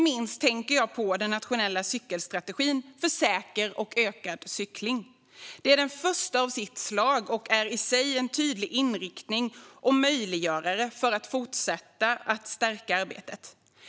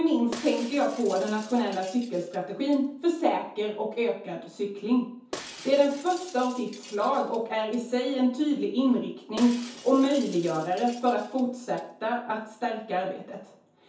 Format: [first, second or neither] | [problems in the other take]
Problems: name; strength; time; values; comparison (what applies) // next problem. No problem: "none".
first | background sound (Shatter); 18 dB below the speech // room echo; dies away in 0.6 s